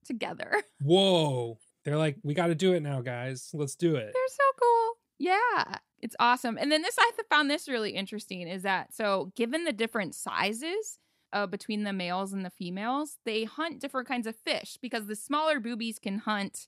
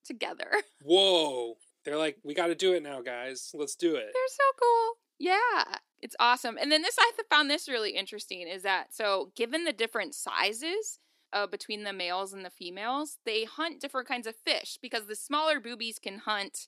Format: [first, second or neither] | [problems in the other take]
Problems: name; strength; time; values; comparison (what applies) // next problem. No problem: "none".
first | thin; somewhat; fading below 300 Hz